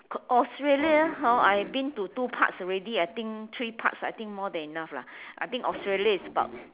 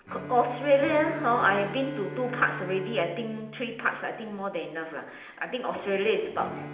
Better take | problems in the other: first | background sound (Bowed string instrument); 14 dB below the speech // room echo; dies away in 0.8 s

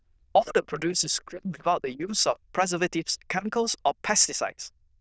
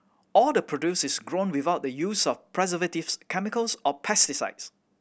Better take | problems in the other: second | noise reduction (neural diffusion model UNIVERSE++)

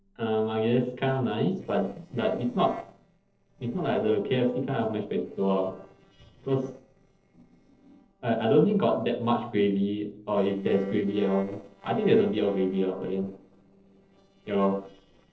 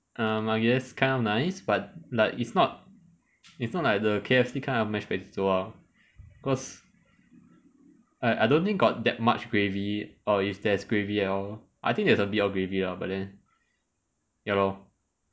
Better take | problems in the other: second | noise reduction (neural separator model SepFormer DNS4)

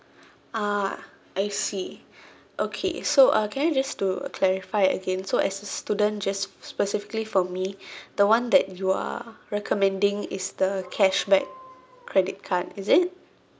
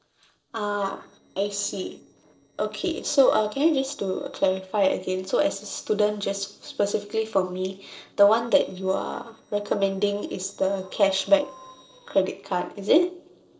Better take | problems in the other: first | noise reduction (neural separator model SepFormer DNS4)

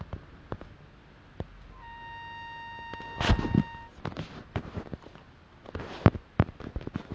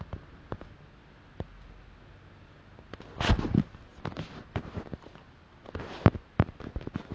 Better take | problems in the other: second | background sound (Trumpet); 13 dB below the speech

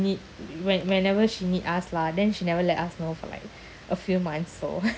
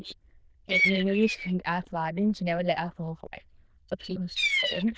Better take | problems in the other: first | noise reduction (neural diffusion model UNIVERSE++)

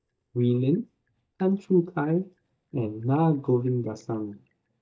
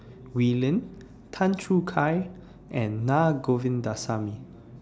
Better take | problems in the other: second | noise reduction (neural mask model DeepFilterNet 3)

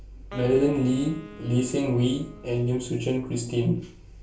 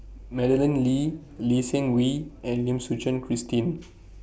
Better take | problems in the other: second | background sound (Wind instrument, woodwind instrument); 20 dB below the speech // room echo; dies away in 0.3 s

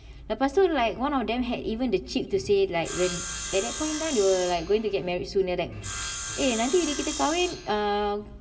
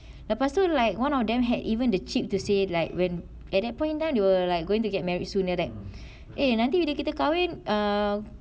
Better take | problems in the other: second | background sound (Sawing); 9 dB below the speech // room echo; dies away in 0.7 s

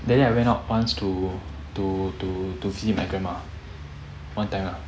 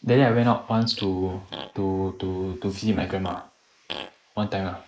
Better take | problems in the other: first | noise reduction (neural mask model Resemble Enhance denoiser)

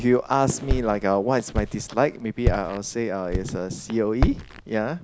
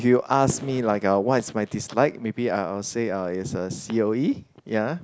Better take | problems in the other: second | background sound (Walk, footsteps); 5 dB below the speech

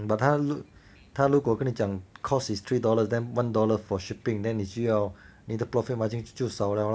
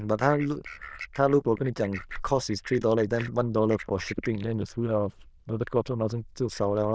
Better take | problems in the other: first | noise reduction (neural diffusion model UNIVERSE++)

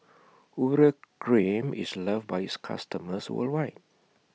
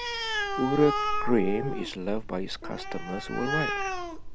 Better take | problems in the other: first | background sound (Animal); 1 dB below the speech

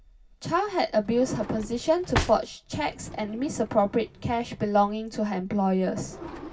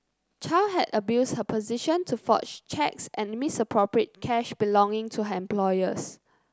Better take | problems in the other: second | background sound (Drawer open or close); 12 dB below the speech // room echo; dies away in 0.4 s

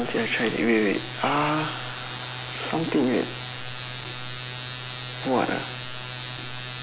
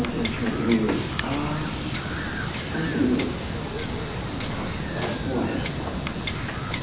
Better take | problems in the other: first | background sound (Wind / Boat, Water vehicle); as loud as the speech // room echo; dies away in 0.9 s

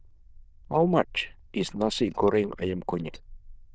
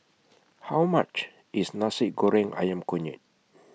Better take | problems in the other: second | noise reduction (neural diffusion model UNIVERSE++)

